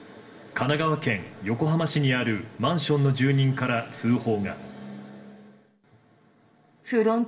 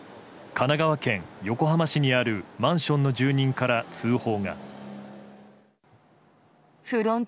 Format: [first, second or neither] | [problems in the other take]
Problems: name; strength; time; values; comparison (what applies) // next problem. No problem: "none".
second | room echo; dies away in 1.6 s